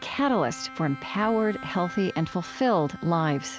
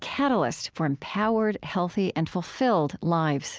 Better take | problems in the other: second | background sound (Bowed string instrument); 15 dB below the speech

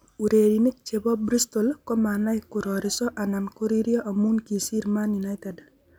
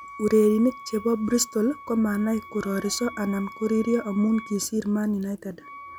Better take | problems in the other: first | background sound (Wind instrument, woodwind instrument); 18 dB below the speech

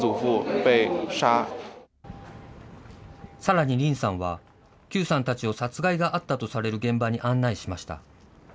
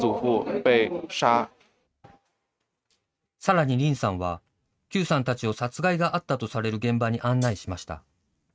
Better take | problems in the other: first | noise reduction (neural mask model RNNoise)

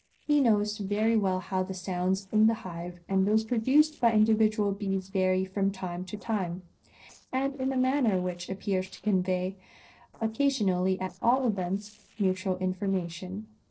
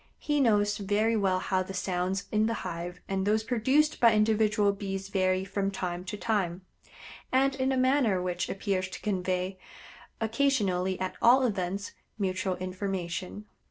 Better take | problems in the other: second | noise reduction (neural separator model SepFormer DNS4)

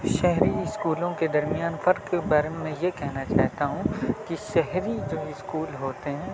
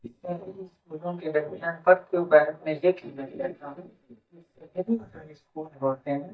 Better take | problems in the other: first | noise reduction (neural mask model DeepFilterNet 3)

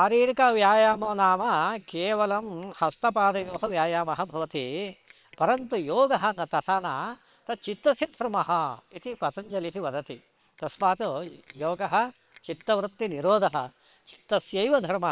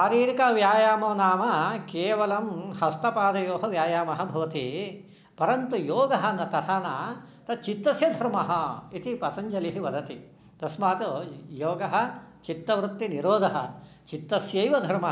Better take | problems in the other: second | noise reduction (neural separator model SepFormer WHAM!)

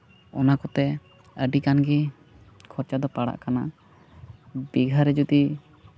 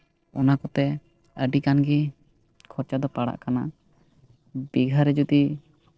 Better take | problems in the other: first | noise reduction (neural separator model SepFormer DNS4)

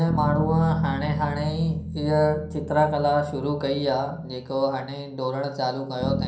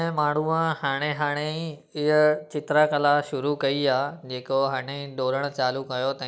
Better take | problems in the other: second | background sound (Bass guitar); 7 dB below the speech // room echo; dies away in 0.6 s

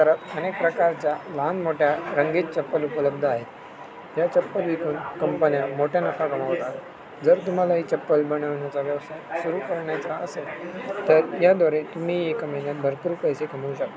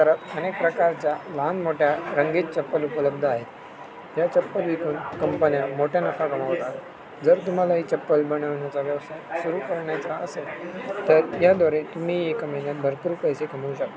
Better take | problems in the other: first | background sound (Gunshot, gunfire); 16 dB below the speech

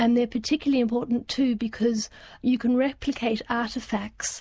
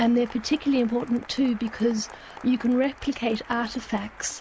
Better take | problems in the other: first | background sound (Applause); 20 dB below the speech

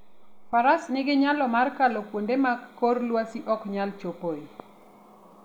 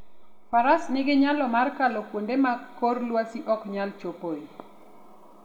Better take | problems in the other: first | room echo; dies away in 0.6 s

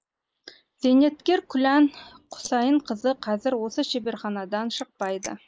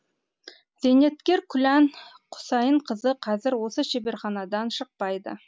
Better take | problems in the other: second | noise reduction (neural mask model Resemble Enhance denoiser)

